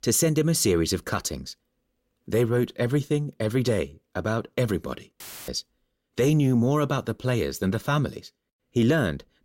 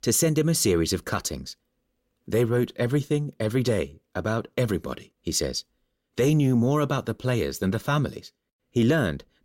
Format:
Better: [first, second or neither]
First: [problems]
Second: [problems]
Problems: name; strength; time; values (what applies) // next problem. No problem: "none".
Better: second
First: audio cutting out; filled with static; at 5 s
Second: none